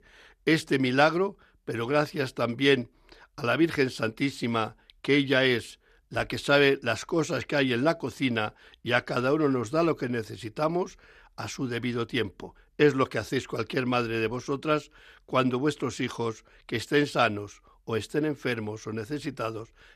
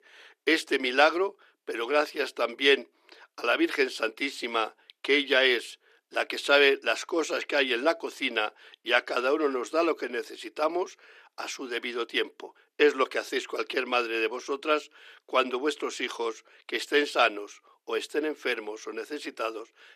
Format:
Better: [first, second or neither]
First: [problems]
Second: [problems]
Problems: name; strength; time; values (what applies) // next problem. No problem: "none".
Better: first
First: none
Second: thin; somewhat; fading below 350 Hz